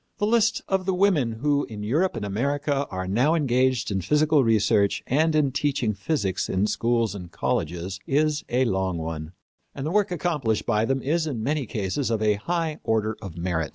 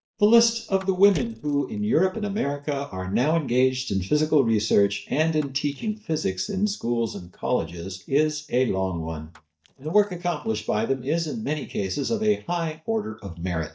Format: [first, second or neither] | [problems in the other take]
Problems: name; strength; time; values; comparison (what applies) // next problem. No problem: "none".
first | noise reduction (neural mask model DeepFilterNet 3)